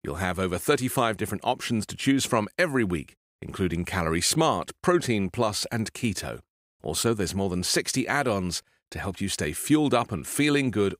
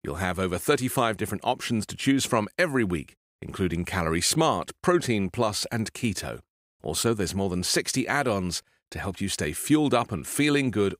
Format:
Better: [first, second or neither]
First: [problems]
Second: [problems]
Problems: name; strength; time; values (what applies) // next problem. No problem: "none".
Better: neither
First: none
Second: none